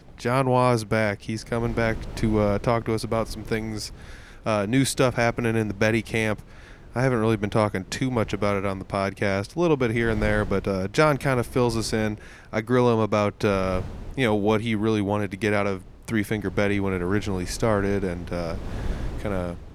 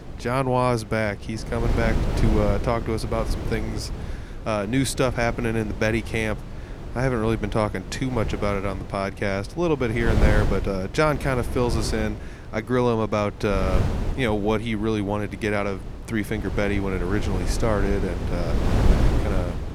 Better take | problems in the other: first | wind noise on the microphone; heavy; 10 dB below the speech; occasional gusts in the first

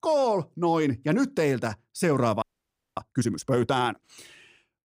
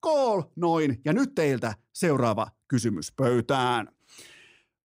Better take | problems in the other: second | audio freezing; at 2.5 s for 0.5 s

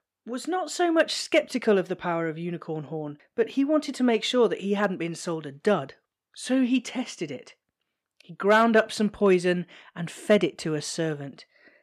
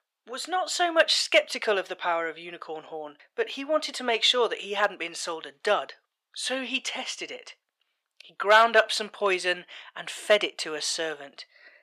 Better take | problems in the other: first | thin; very; fading below 750 Hz

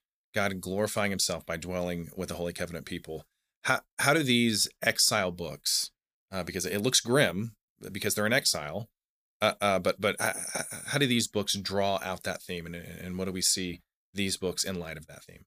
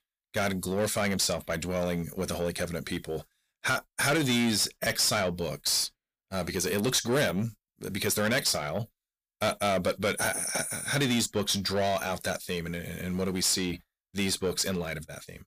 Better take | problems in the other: first | distortion; heavy; 7 dB below the speech

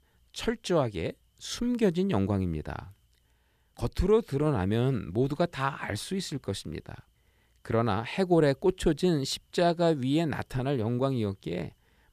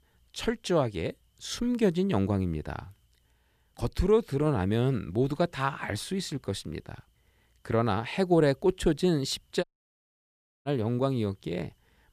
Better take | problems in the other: first | audio cutting out; at 9.5 s for 1 s

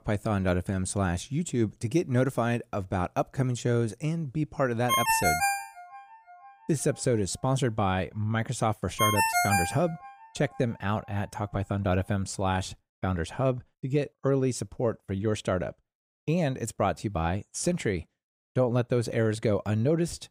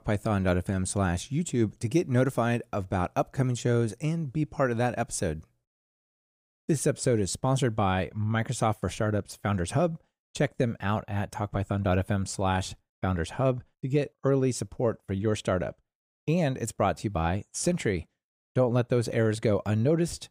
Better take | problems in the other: second | phone ringing; loud; from 5 to 9.5 s; peak 5 dB above the speech

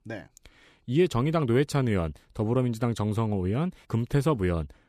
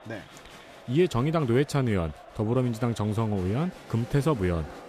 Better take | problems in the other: first | crowd noise; noticeable; throughout; 20 dB below the speech

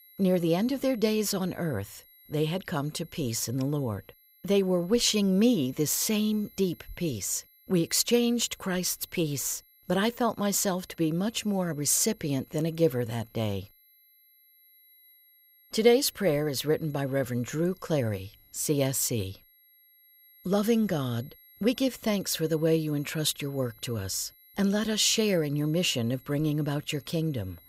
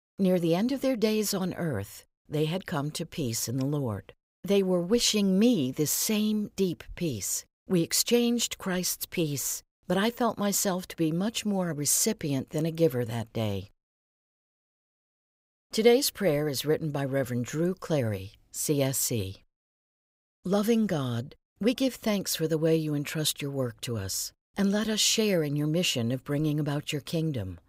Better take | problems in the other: second | high-pitched whine; faint; throughout; 11.5 kHz, 25 dB below the speech

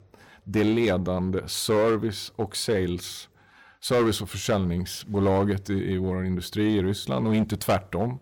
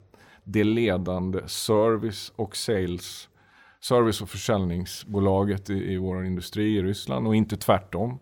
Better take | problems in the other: second | distortion; slight; 6% of the sound clipped

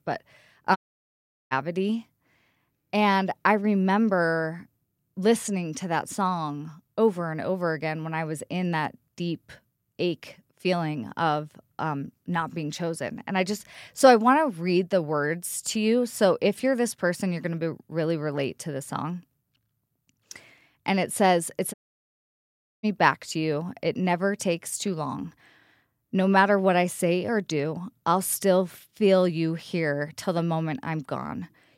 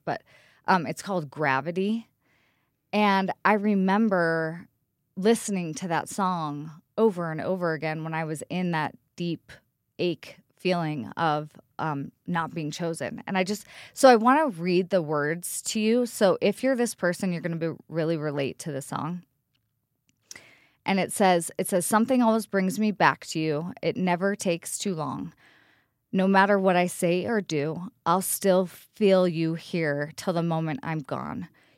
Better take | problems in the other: second | audio cutting out; at 1 s for 1 s and at 22 s for 1 s

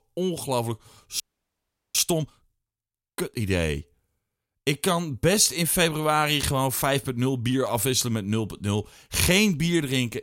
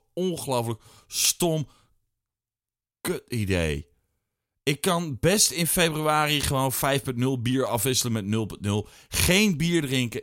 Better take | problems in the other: second | audio freezing; at 1 s for 1 s

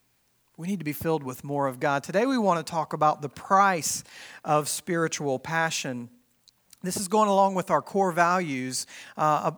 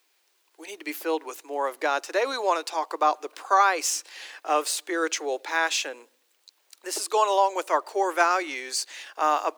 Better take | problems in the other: first | thin; very; fading below 300 Hz

